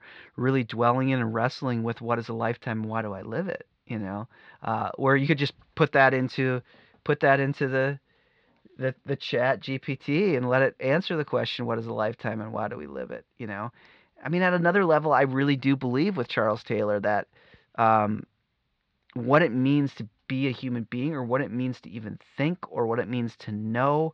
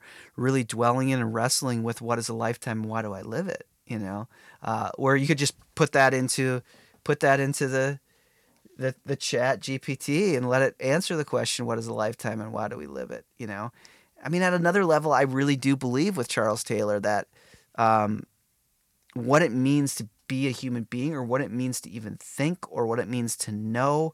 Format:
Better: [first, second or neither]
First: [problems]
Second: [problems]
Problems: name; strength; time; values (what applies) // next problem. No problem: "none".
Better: second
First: muffled; slightly; fading above 4 kHz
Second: none